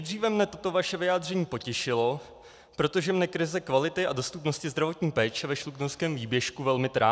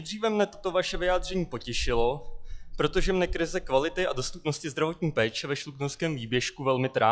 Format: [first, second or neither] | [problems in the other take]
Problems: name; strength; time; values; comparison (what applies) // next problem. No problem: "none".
first | noise reduction (classical method log-MMSE)